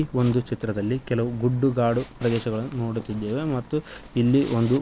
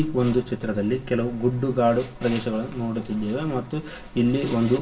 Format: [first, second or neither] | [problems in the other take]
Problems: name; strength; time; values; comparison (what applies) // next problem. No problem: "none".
first | room echo; dies away in 0.5 s